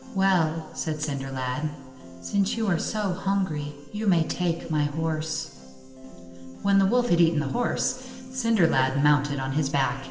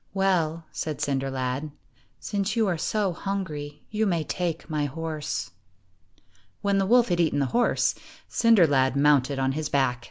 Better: second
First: background sound (Piano); 17 dB below the speech // room echo; dies away in 1.2 s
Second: none

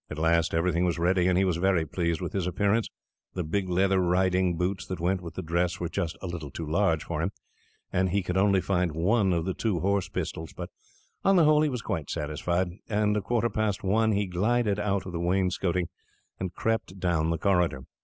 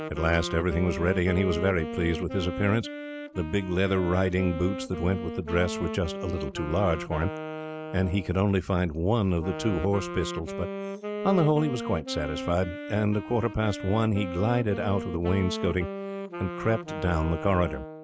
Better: first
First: none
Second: background sound (Wind instrument, woodwind instrument); 8 dB below the speech

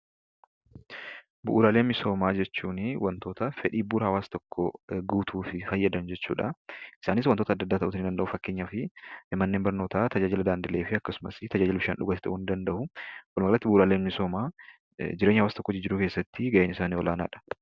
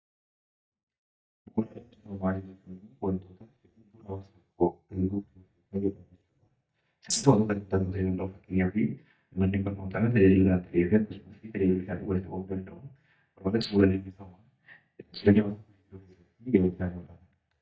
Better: first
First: none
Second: noise reduction (neural mask model DeepFilterNet 3)

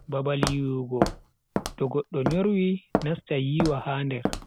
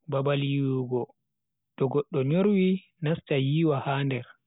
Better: second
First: background sound (Walk, footsteps); 4 dB below the speech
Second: none

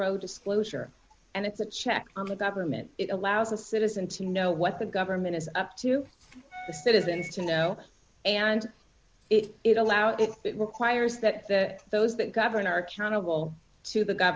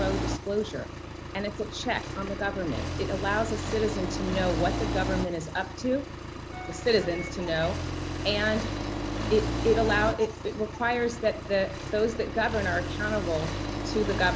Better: first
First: none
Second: background sound (Accelerating, revving, vroom); 3 dB below the speech

